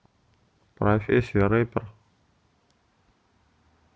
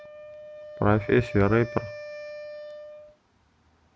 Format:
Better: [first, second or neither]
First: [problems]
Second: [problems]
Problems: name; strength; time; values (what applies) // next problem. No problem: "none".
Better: first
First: none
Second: background sound (Wind instrument, woodwind instrument); 13 dB below the speech